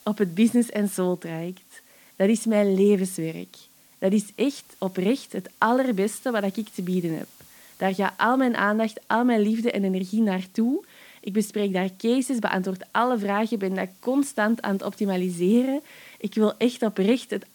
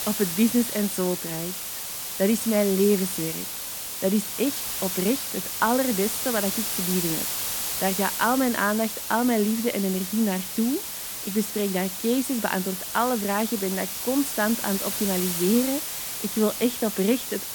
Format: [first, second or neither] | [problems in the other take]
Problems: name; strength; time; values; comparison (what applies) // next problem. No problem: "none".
first | hiss; loud; throughout; 3 dB below the speech; faint in the first